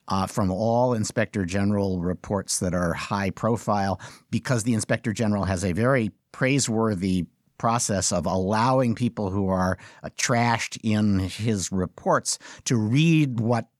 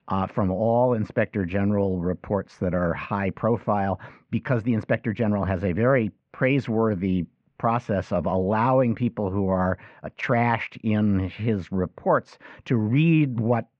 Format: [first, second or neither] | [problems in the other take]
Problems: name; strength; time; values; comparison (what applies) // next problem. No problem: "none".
first | muffled; very; fading above 2.5 kHz